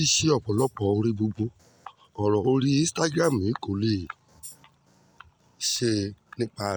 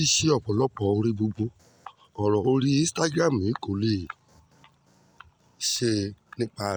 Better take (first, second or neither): second